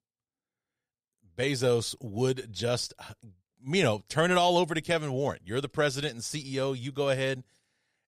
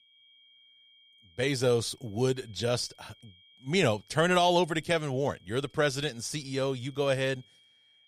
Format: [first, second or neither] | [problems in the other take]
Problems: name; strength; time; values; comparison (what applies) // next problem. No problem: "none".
first | high-pitched whine; faint; throughout; 3 kHz, 30 dB below the speech